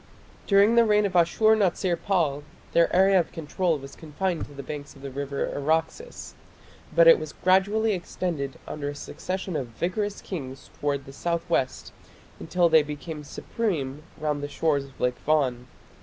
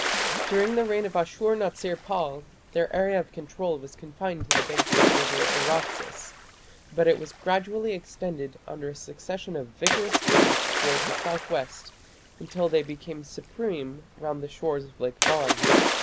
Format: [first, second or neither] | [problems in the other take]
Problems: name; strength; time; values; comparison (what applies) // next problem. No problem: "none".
first | background sound (Splash, splatter); as loud as the speech